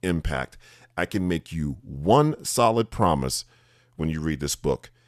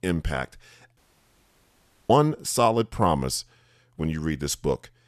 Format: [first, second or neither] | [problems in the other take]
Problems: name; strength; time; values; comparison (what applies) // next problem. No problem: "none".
first | audio cutting out; at 1 s for 1 s